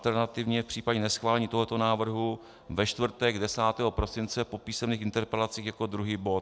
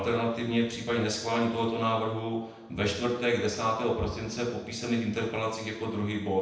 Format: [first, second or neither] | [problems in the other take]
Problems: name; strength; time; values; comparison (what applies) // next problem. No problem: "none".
first | room echo; dies away in 0.8 s